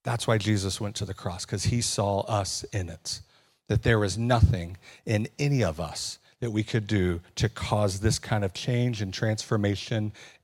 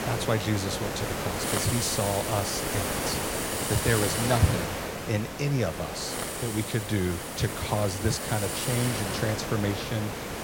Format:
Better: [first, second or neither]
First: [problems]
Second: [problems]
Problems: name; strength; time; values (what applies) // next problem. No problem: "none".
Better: first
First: none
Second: hiss; loud; throughout; 1 dB below the speech